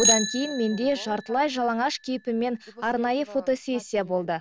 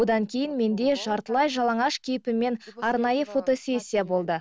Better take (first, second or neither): second